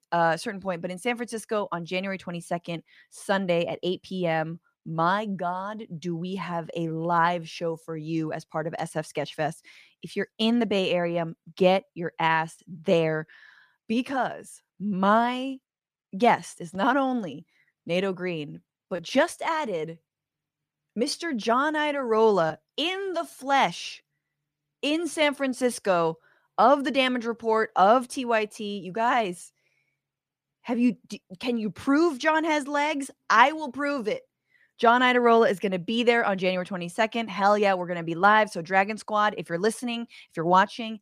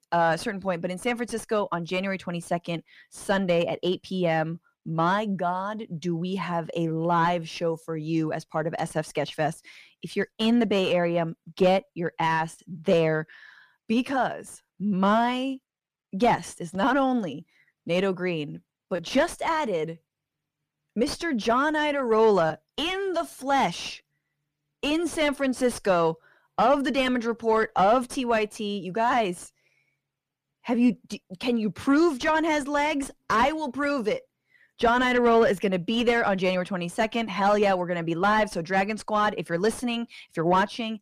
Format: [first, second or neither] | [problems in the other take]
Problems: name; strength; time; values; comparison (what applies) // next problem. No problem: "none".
first | distortion; slight; 10 dB below the speech